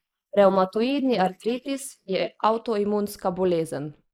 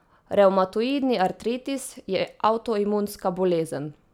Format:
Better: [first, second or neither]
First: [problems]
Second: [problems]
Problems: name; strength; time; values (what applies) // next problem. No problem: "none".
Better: second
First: noise reduction (neural mask model Resemble Enhance denoiser)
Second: none